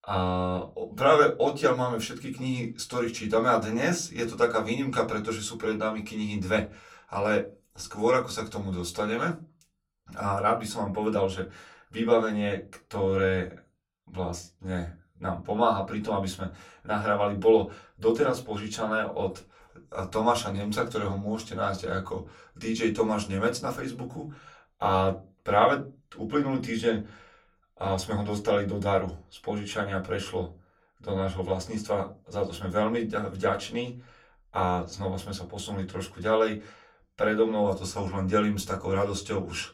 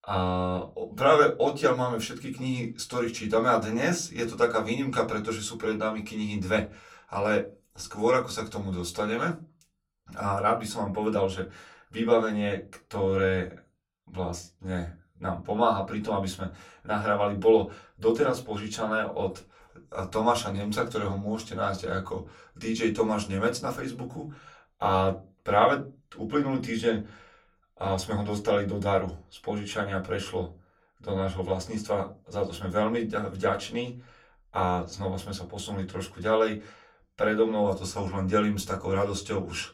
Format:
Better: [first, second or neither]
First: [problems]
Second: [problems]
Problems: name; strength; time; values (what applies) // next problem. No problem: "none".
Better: neither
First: off-mic speech; far // room echo; very slight; dies away in 0.2 s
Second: off-mic speech; far // room echo; very slight; dies away in 0.2 s